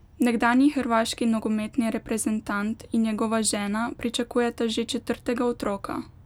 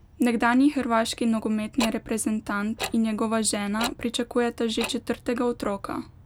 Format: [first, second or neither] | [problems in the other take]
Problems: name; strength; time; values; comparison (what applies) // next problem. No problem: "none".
first | background sound (Tick-tock); 13 dB below the speech